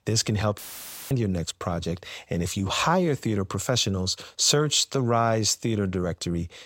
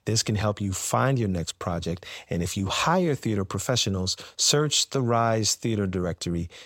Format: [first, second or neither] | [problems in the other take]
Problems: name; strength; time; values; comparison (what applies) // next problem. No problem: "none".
second | audio cutting out; filled with static; at 0.5 s for 0.5 s